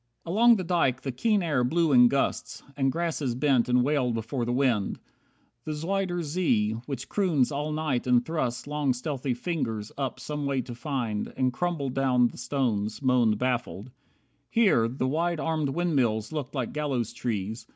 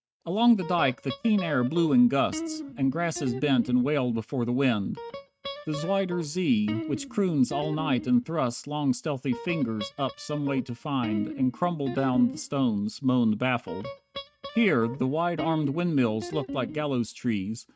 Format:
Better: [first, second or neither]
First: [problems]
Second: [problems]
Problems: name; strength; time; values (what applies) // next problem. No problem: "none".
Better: first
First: none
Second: noise reduction (neural mask model RNNoise)